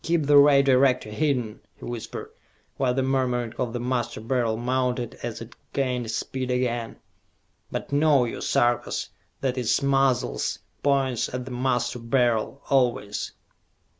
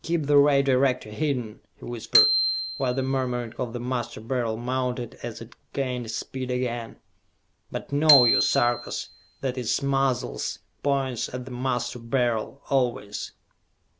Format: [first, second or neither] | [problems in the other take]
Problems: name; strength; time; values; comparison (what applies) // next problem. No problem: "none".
first | background sound (Bicycle bell); 2 dB below the speech